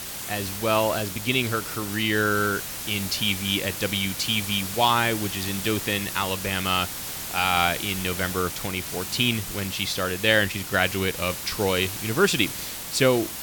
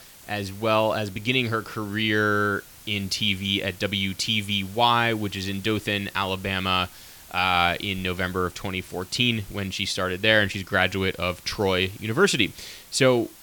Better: second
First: hiss; loud; throughout; 6 dB below the speech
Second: hiss; faint; throughout; 20 dB below the speech

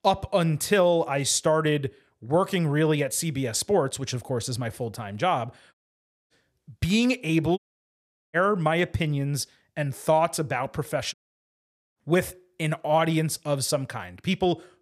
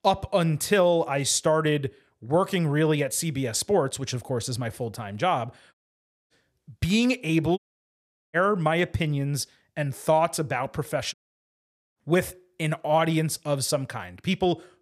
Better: neither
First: audio cutting out; at 5.5 s for 0.5 s, at 7.5 s for 1 s and at 11 s for 1 s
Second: audio cutting out; at 5.5 s for 0.5 s, at 7.5 s for 1 s and at 11 s for 1 s

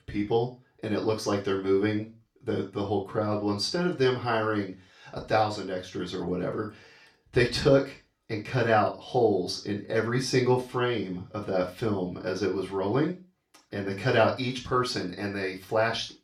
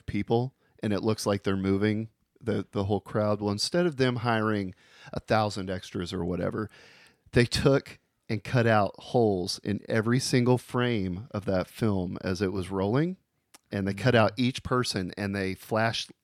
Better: second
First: room echo; slight; dies away in 0.3 s // off-mic speech; far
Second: none

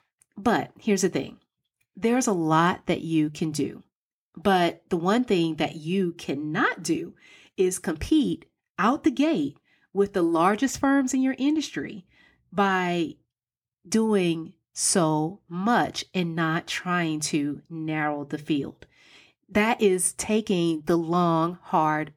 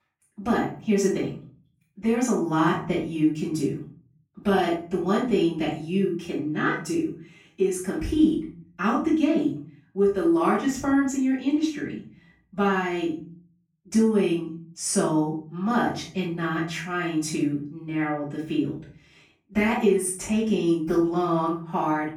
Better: first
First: none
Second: off-mic speech; far // room echo; noticeable; dies away in 0.4 s

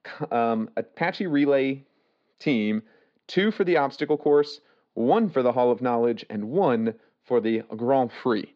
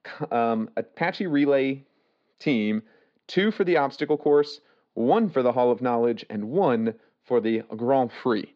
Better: neither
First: muffled; slightly; fading above 4.5 kHz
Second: muffled; slightly; fading above 4.5 kHz

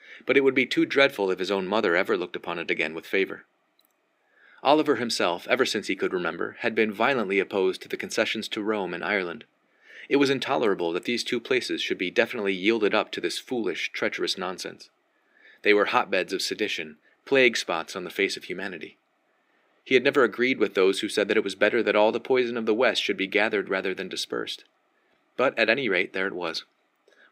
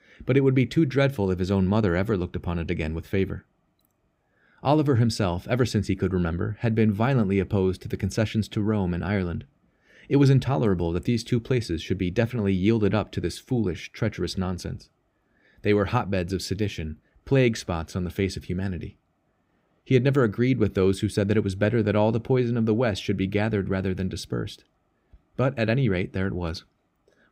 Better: second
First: thin; somewhat; fading below 300 Hz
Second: none

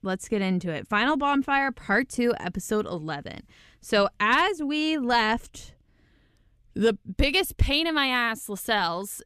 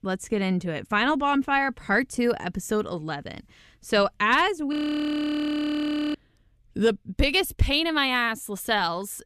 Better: first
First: none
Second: audio freezing; at 4.5 s for 1.5 s

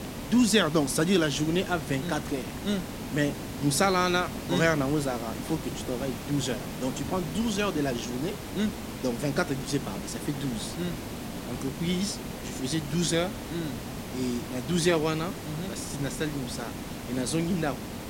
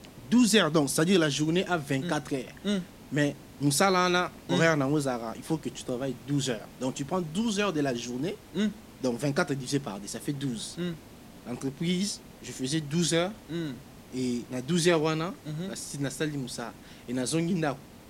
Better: second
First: hiss; loud; throughout; 8 dB below the speech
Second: hiss; faint; throughout; 20 dB below the speech

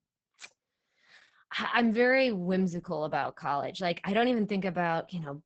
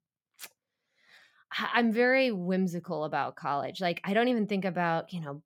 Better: second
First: garbled, watery; badly; nothing above 8 kHz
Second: none

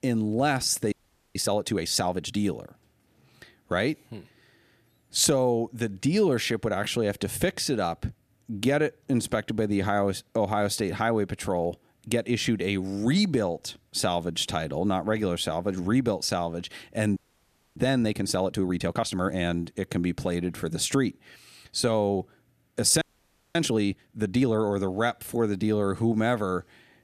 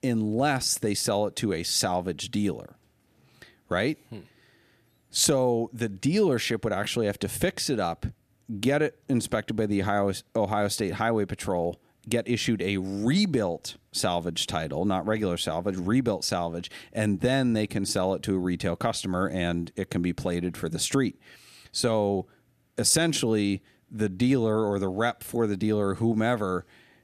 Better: second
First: audio freezing; at 1 s, at 17 s for 0.5 s and at 23 s for 0.5 s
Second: none

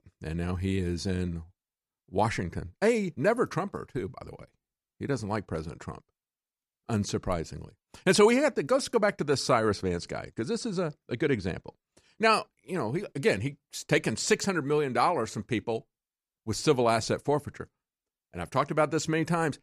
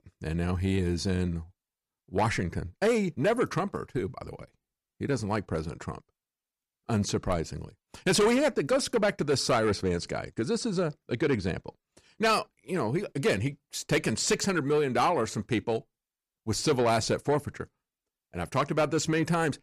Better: first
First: none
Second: distortion; slight; 10 dB below the speech

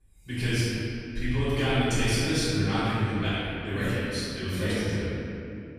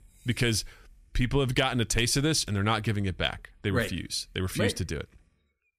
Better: second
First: off-mic speech; far // room echo; strong; dies away in 2.7 s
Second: none

